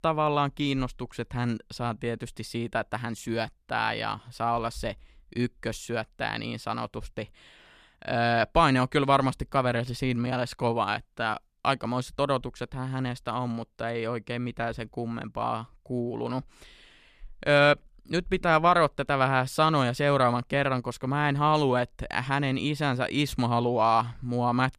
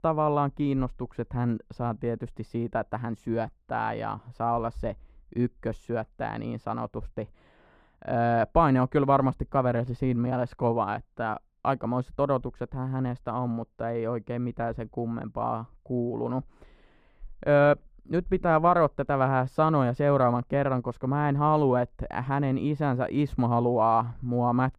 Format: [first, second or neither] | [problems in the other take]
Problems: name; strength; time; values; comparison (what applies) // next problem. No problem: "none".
first | muffled; very; fading above 2 kHz